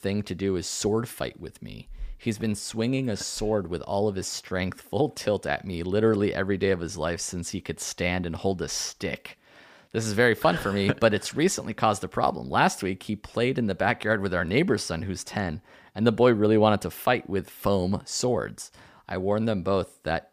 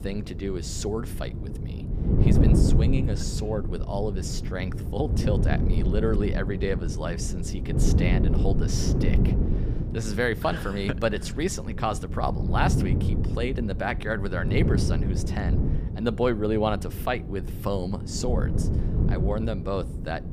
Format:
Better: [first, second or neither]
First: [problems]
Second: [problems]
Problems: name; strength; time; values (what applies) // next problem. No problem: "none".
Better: first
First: none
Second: wind noise on the microphone; heavy; 6 dB below the speech